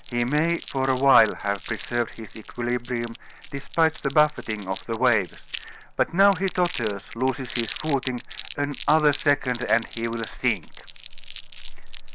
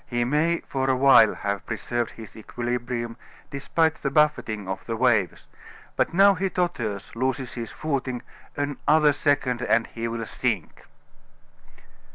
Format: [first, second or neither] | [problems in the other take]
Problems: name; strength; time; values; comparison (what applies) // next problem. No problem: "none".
second | background sound (Crumpling, crinkling); 17 dB below the speech